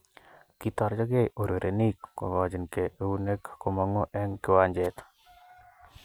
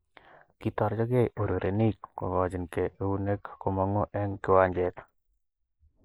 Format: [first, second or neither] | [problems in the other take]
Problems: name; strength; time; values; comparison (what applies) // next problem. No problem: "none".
first | noise reduction (neural mask model Resemble Enhance denoiser)